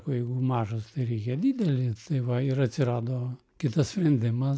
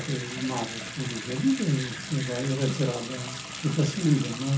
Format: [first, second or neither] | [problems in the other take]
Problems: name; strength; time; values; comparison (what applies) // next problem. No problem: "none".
first | background sound (Bathtub (filling or washing) / Sink (filling or washing) / Water tap, faucet); 9 dB below the speech // room echo; dies away in 0.4 s